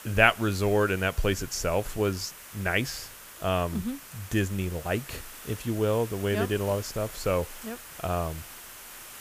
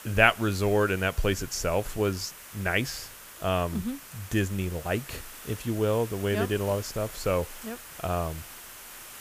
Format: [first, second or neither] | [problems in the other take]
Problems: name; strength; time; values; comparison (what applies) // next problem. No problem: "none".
neither | hiss; noticeable; throughout; 15 dB below the speech; the same in both